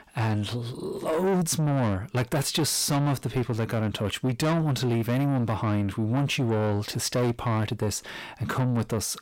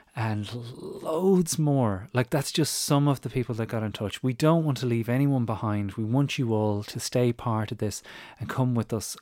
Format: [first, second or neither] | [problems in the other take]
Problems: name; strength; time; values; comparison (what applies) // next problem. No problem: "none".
second | distortion; heavy; 8 dB below the speech